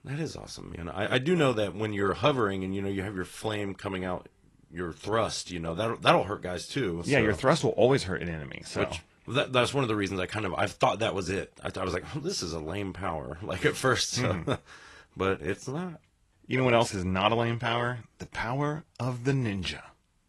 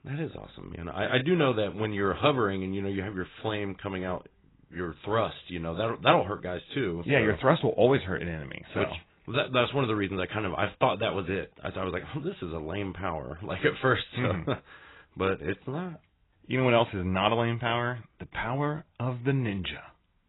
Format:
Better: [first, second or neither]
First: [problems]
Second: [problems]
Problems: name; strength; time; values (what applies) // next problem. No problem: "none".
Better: first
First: garbled, watery; slightly; nothing above 11.5 kHz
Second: garbled, watery; badly; nothing above 4 kHz